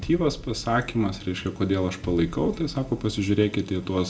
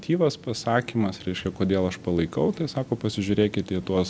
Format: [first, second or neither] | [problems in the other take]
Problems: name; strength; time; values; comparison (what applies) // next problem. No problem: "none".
second | background sound (Bass drum); 16 dB below the speech // room echo; dies away in 0.3 s